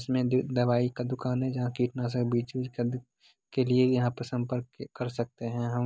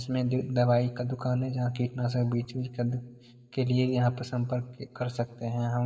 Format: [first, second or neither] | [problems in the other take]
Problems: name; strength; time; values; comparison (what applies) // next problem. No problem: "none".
first | room echo; dies away in 1.5 s